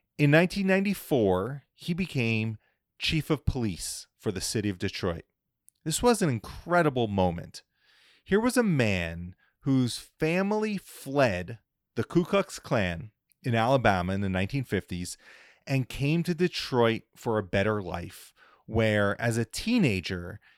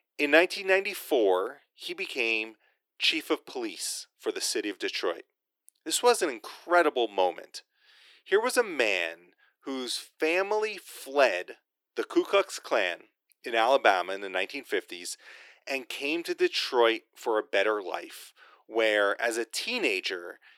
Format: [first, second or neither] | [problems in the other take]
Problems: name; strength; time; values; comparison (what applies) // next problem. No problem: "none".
first | thin; very; fading below 350 Hz